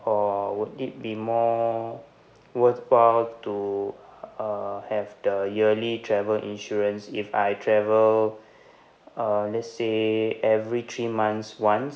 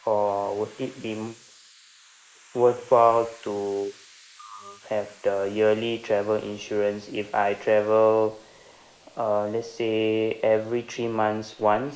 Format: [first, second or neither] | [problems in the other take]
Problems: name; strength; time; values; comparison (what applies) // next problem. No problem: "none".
first | noise reduction (neural mask model Resemble Enhance denoiser)